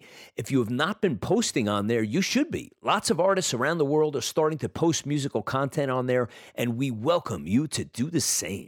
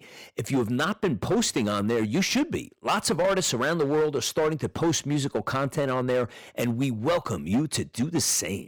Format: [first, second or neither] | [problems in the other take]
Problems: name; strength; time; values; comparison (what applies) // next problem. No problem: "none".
first | distortion; slight; 9% of the sound clipped